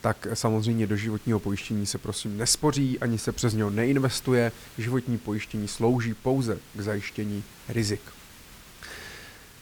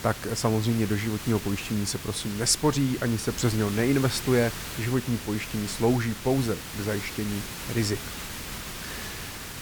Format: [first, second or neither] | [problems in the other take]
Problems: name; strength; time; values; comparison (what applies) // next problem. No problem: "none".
first | hiss; loud; throughout; 9 dB below the speech; faint in the first